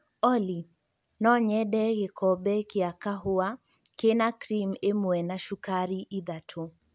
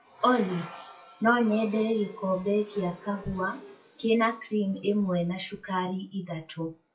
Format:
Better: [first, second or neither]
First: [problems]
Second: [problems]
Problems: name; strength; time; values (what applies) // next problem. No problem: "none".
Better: first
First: none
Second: noise reduction (classical method WPE with log-MMSE)